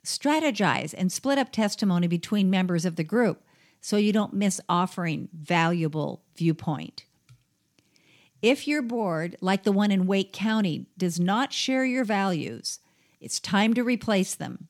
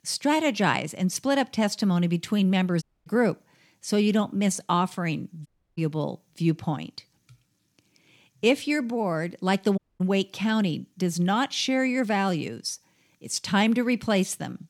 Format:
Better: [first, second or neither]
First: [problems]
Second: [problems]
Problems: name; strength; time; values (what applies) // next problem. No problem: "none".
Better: first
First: none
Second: audio cutting out; at 3 s, at 5.5 s and at 10 s